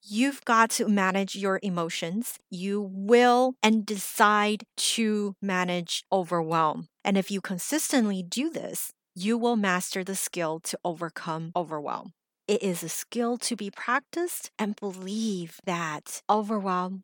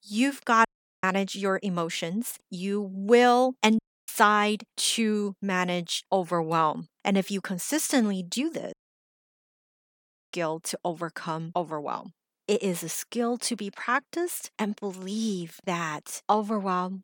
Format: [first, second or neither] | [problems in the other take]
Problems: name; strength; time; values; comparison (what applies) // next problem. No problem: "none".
first | audio cutting out; at 0.5 s, at 4 s and at 8.5 s for 1.5 s